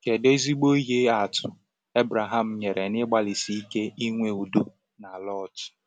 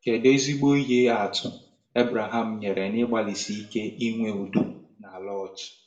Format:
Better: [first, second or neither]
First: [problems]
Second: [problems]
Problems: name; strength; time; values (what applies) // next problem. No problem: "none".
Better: first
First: none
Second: room echo; dies away in 0.4 s